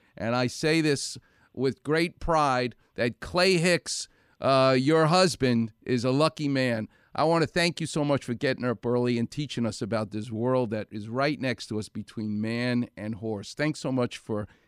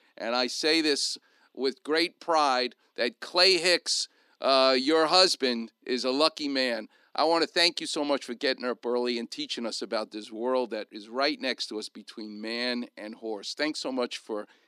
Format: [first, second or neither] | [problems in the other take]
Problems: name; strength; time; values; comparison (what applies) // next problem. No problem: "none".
first | thin; very slightly; fading below 250 Hz